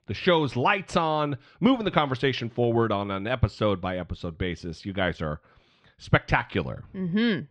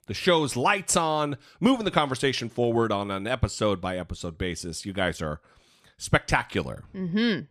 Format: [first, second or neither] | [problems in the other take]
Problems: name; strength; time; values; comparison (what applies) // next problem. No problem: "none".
second | muffled; slightly; fading above 4 kHz